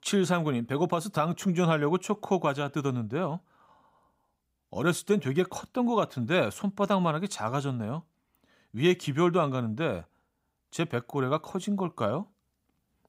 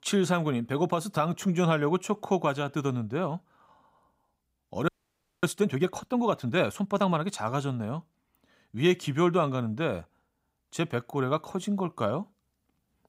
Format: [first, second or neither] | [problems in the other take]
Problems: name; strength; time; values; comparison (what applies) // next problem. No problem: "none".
first | audio freezing; at 5 s for 0.5 s